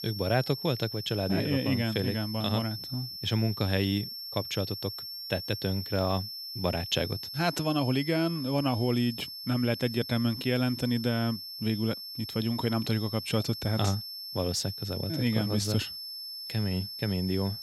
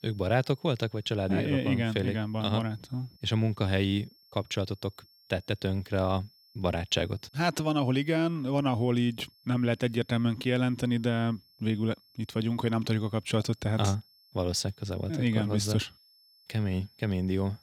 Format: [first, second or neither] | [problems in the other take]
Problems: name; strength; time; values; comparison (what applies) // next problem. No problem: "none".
second | high-pitched whine; loud; throughout; 5.5 kHz, 7 dB below the speech; faint in the second